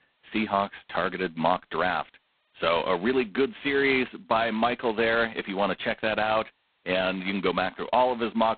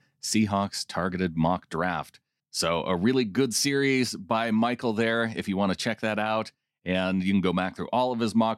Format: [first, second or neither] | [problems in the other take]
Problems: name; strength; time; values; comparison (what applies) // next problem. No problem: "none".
second | phone-call audio; poor line; nothing above 4 kHz